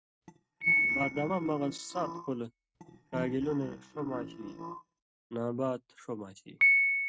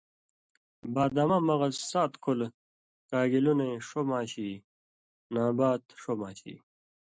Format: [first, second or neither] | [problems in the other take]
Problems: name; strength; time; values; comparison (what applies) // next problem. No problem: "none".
second | noise reduction (neural mask model RNNoise)